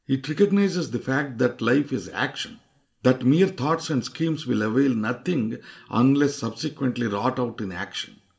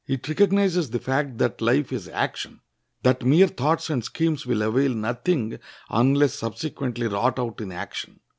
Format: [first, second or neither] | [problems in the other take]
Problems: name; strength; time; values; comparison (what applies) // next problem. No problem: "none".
second | room echo; dies away in 0.4 s